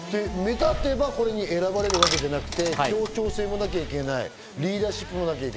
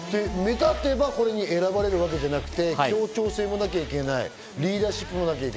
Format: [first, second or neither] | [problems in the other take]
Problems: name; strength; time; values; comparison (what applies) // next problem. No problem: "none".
second | background sound (Coin (dropping)); 5 dB below the speech